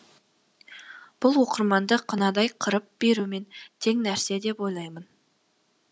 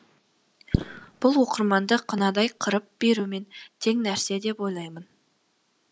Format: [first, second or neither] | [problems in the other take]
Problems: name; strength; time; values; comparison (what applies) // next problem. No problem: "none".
first | noise reduction (neural mask model Resemble Enhance denoiser)